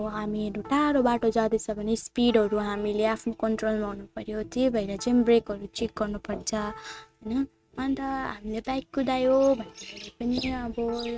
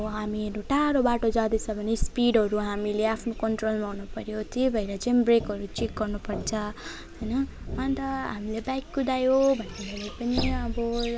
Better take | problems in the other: second | noise reduction (neural mask model RNNoise)

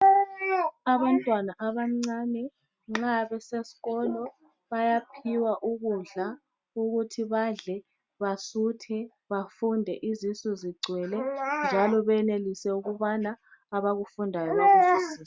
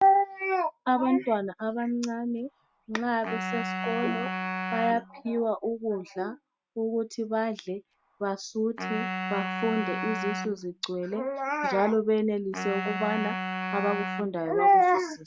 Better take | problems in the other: first | background sound (Wind instrument, woodwind instrument); 7 dB below the speech

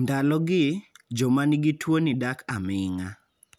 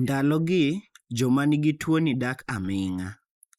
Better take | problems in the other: first | noise reduction (neural mask model Resemble Enhance denoiser)

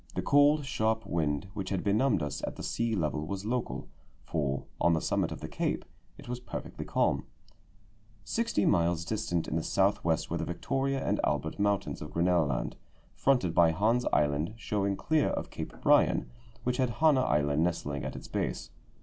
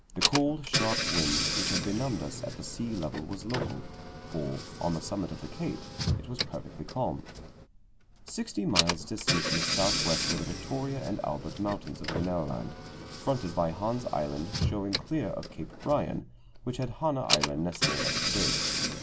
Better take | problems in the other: first | background sound (Engine / Car); 1 dB below the speech

